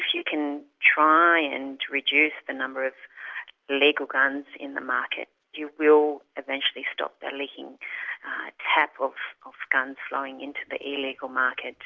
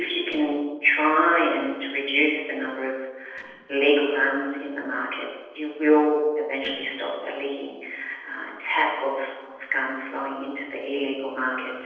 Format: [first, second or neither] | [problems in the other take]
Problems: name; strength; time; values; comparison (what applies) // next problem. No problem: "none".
first | noise reduction (neural separator model SepFormer DNS4)